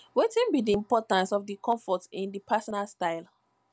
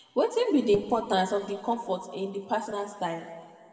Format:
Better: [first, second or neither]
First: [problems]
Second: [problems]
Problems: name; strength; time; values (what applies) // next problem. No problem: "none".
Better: first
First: none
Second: room echo; dies away in 1.8 s